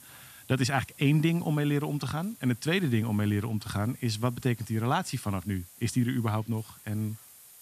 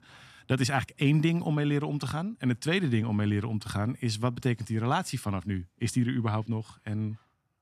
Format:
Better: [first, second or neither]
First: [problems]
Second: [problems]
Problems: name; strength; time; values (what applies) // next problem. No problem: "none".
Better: second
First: hiss; faint; throughout; 20 dB below the speech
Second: none